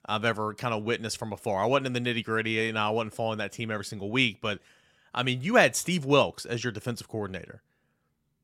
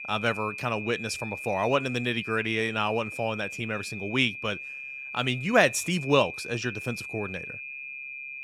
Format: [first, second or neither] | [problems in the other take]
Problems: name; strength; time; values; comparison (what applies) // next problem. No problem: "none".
first | high-pitched whine; loud; throughout; 2.5 kHz, 8 dB below the speech